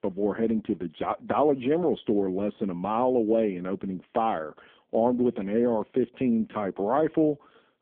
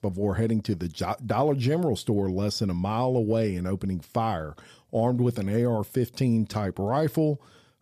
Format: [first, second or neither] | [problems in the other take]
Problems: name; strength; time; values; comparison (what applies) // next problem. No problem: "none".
second | phone-call audio; poor line; nothing above 3.5 kHz